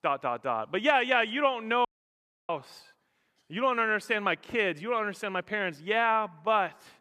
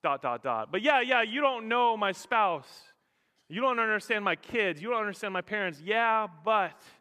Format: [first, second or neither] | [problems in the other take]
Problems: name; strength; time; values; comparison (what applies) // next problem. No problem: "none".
second | audio cutting out; at 2 s for 0.5 s